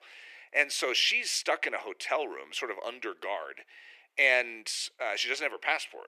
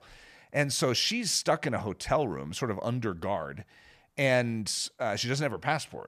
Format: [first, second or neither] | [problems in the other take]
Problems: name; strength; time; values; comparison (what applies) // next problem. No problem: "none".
second | thin; very; fading below 350 Hz